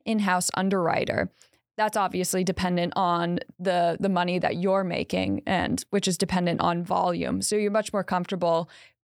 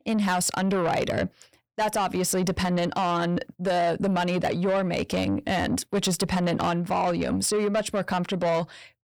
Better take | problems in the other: first | distortion; slight; 10 dB below the speech

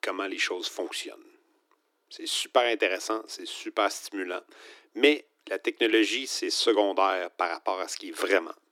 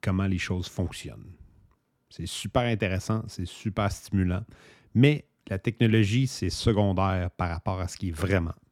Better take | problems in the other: second | thin; very; fading below 300 Hz

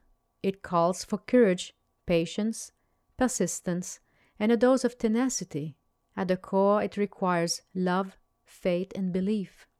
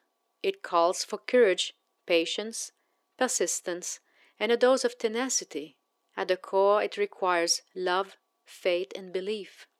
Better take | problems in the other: first | thin; somewhat; fading below 350 Hz

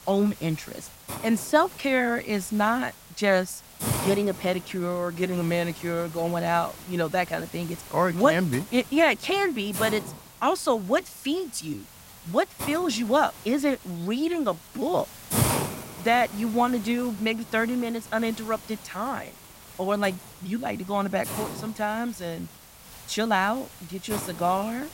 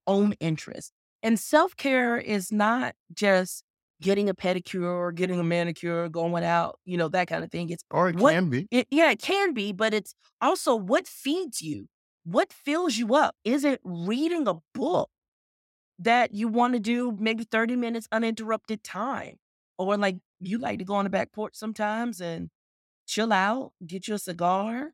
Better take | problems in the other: second | hiss; noticeable; throughout; 10 dB below the speech

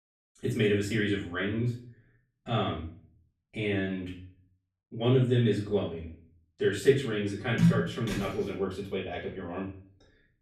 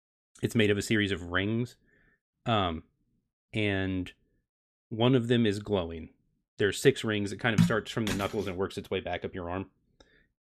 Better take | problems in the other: second | off-mic speech; far // room echo; slight; dies away in 0.4 s

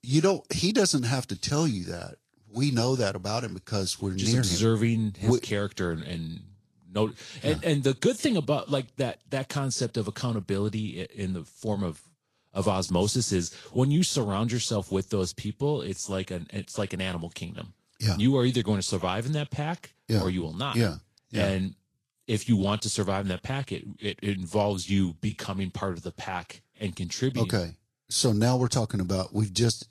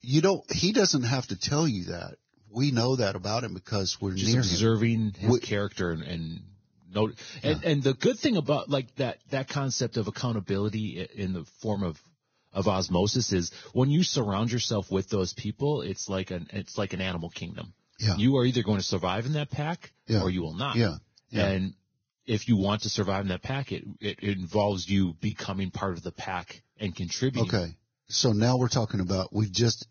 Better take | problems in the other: first | garbled, watery; badly; nothing above 6.5 kHz; slightly in the first

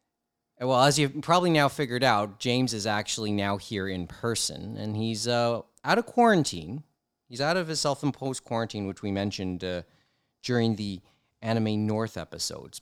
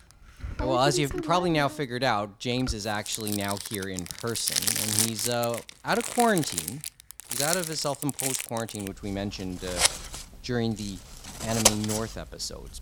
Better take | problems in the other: first | household noises; very loud; throughout; as loud as the speech

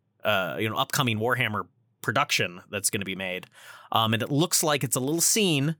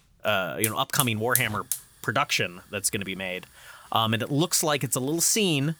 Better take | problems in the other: first | hiss; loud; throughout; 4 dB below the speech

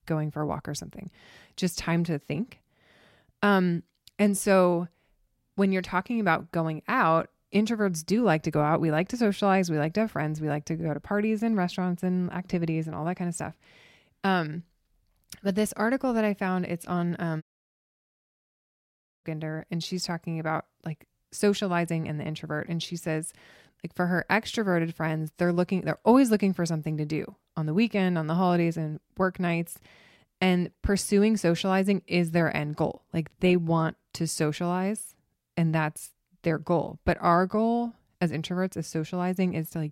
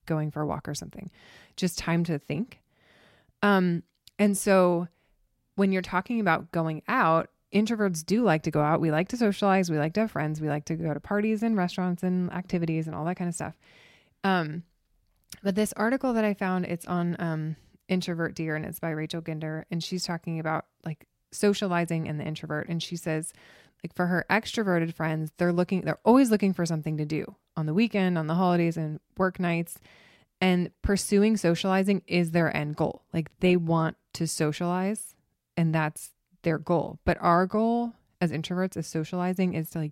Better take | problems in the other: second | audio cutting out; at 17 s for 2 s

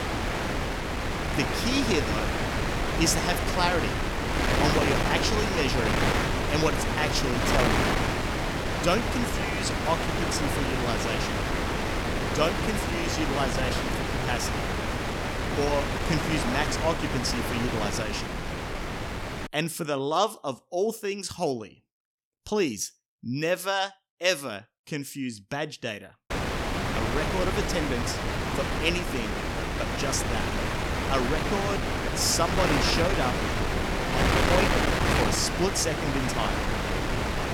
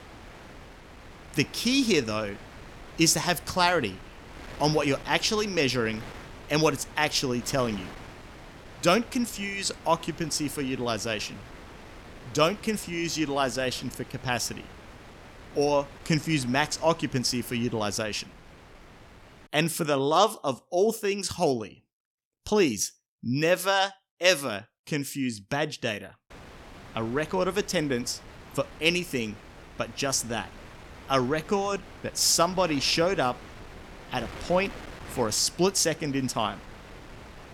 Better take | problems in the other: second | wind noise on the microphone; heavy; until 19 s and from 26 s on; 1 dB above the speech; occasional gusts in the second

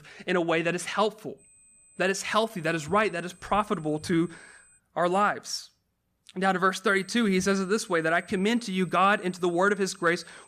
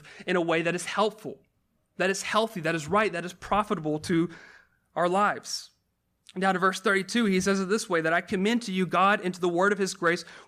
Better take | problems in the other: second | high-pitched whine; faint; from 1.5 to 5 s and from 7 s on; 8 kHz, 30 dB below the speech

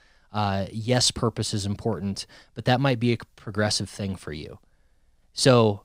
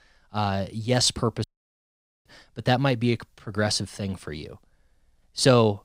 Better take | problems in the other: first | audio cutting out; at 1.5 s for 1 s

